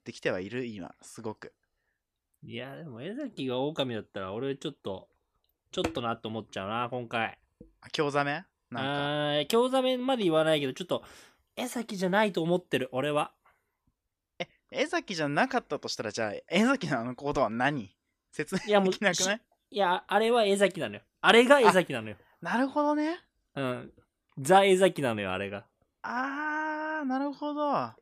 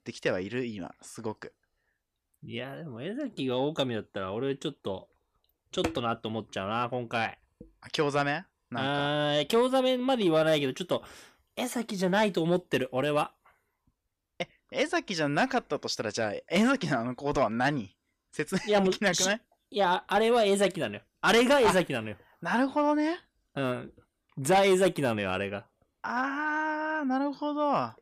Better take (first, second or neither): first